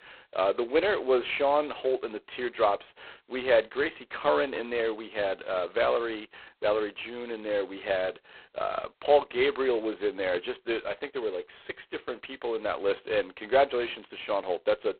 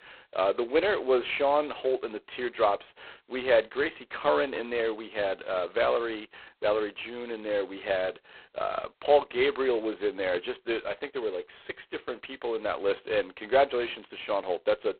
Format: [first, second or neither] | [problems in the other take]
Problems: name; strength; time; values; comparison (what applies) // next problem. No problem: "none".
neither | phone-call audio; poor line; nothing above 4 kHz; the same in both